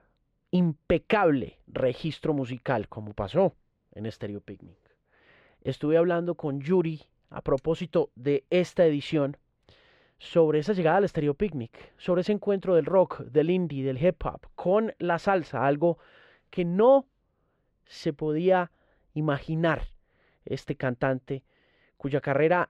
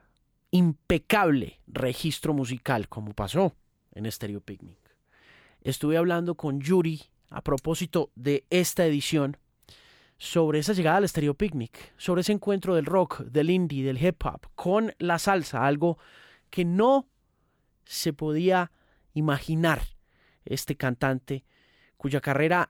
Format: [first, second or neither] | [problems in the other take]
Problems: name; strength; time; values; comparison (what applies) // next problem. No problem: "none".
second | muffled; slightly; fading above 3 kHz